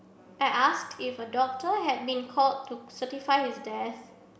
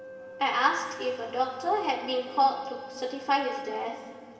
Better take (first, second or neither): first